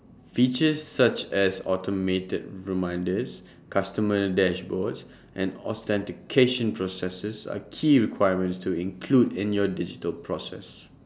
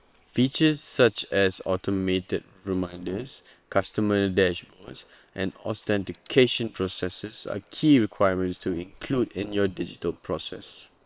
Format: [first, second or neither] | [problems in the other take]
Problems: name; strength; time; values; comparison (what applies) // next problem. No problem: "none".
first | noise reduction (neural separator model SepFormer WHAM!)